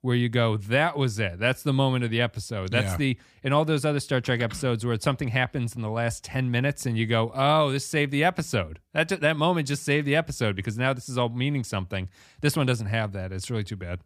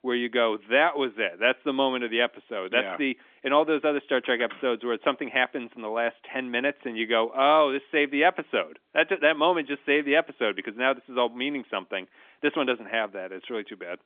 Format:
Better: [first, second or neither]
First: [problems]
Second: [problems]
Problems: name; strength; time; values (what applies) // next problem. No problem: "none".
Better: first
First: none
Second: phone-call audio; nothing above 3.5 kHz